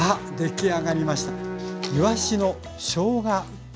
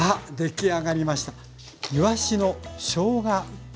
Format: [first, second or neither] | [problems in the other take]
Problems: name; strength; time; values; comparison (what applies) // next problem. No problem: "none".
second | background sound (Bowed string instrument); 9 dB below the speech